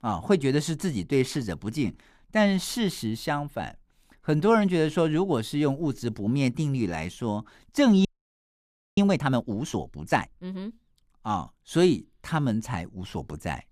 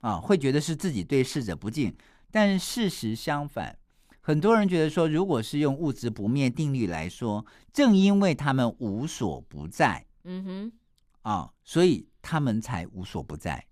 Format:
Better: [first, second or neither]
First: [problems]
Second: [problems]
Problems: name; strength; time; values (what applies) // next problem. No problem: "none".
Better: second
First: audio freezing; at 8 s for 1 s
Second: none